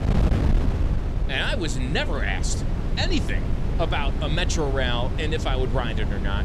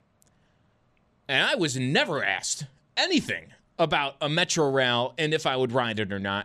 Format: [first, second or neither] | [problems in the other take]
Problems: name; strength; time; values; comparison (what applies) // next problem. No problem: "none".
second | wind noise on the microphone; heavy; 8 dB below the speech